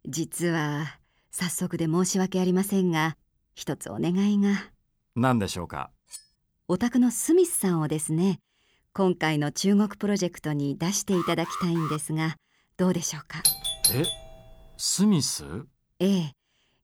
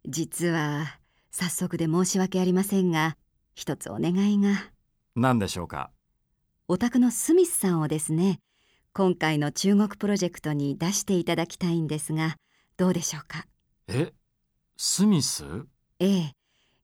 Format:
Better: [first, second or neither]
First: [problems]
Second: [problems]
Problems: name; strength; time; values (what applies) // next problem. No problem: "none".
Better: second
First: clattering dishes; faint; at 6 s; peak 20 dB below the speech // alarm; noticeable; at 11 s; peak 8 dB below the speech // doorbell; loud; at 13 s; peak 3 dB above the speech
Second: none